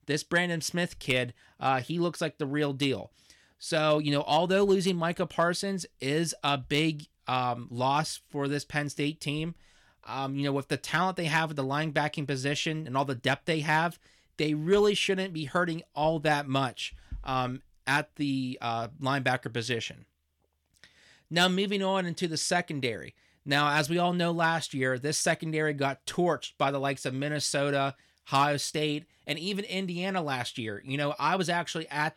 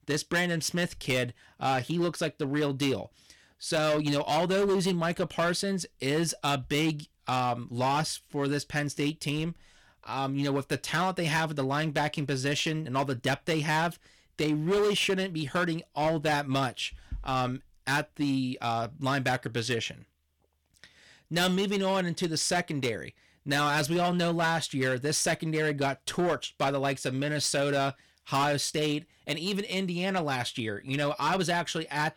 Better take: first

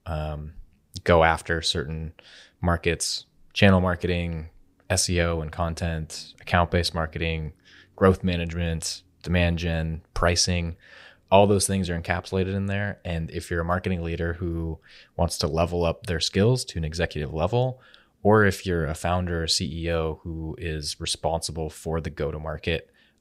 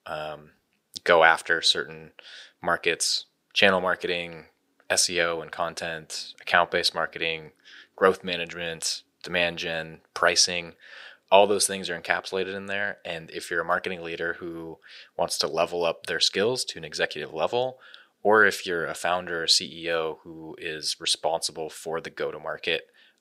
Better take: first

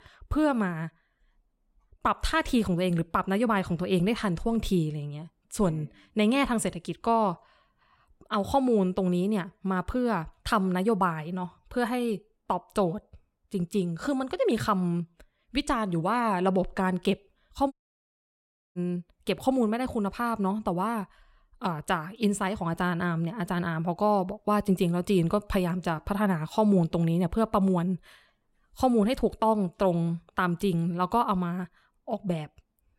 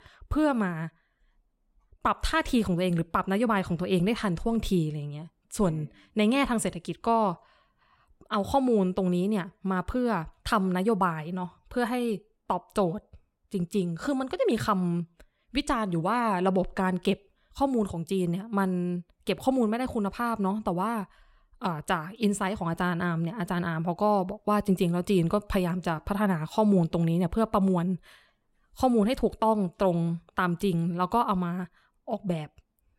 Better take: second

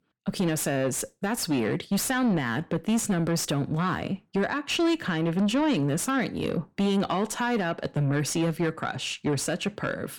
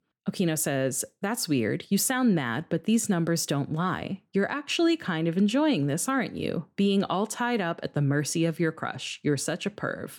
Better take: second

